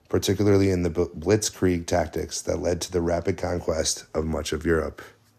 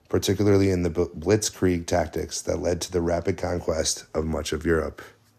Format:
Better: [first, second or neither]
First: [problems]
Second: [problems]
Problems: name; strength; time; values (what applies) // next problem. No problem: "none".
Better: neither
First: none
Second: none